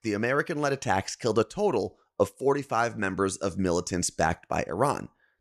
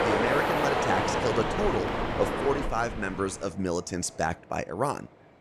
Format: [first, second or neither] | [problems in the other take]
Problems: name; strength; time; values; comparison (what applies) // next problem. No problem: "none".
first | train or aircraft noise; very loud; throughout; 2 dB above the speech